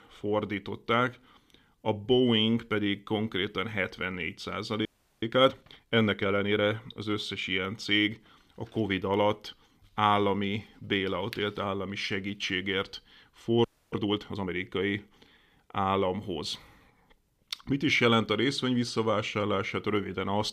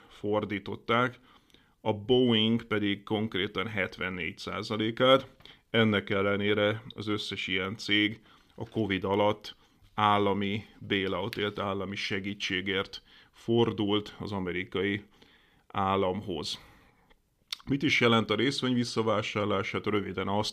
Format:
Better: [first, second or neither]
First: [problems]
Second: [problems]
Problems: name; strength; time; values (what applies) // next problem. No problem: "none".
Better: second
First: audio freezing; at 5 s and at 14 s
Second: none